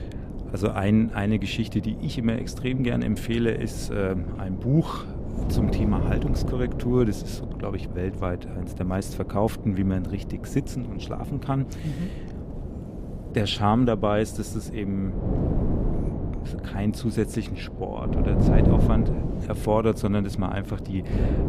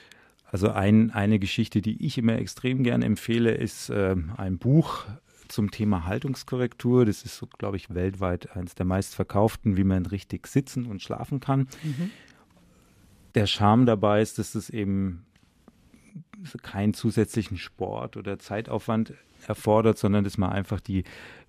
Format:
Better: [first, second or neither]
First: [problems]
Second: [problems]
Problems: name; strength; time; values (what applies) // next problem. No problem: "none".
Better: second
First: wind noise on the microphone; heavy; 7 dB below the speech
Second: none